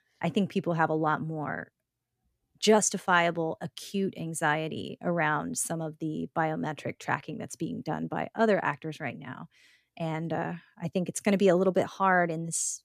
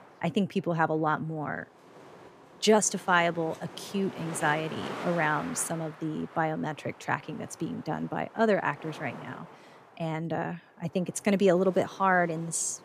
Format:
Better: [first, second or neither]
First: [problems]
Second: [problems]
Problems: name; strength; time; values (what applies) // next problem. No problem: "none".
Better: first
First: none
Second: wind noise on the microphone; occasional gusts; 15 dB below the speech